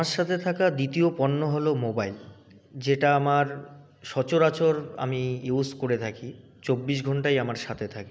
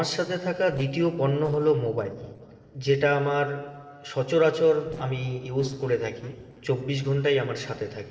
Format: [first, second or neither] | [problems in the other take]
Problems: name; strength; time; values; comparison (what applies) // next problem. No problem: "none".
first | noise reduction (neural separator model SepFormer DNS4)